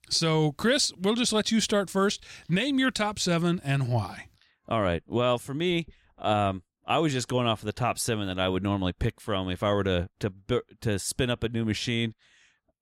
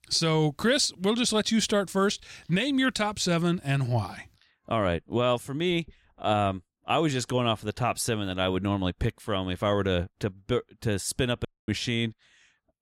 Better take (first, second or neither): first